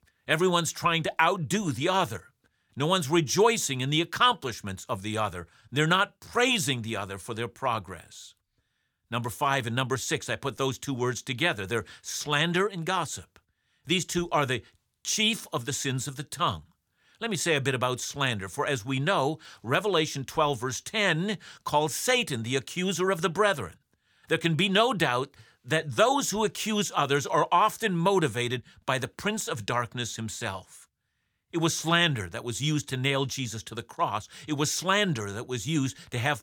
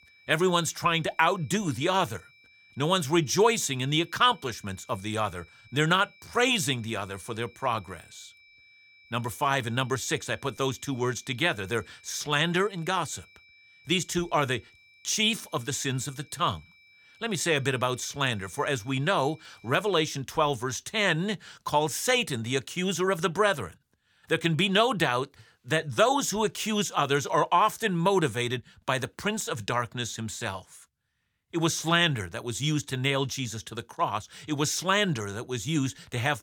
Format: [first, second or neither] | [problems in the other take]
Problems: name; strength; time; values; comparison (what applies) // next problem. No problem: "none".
first | high-pitched whine; faint; until 20 s; 2.5 kHz, 30 dB below the speech